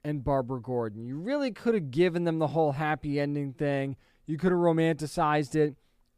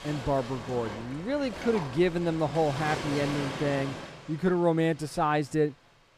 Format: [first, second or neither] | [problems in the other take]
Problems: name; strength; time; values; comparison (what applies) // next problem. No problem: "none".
first | rain or running water; loud; throughout; 9 dB below the speech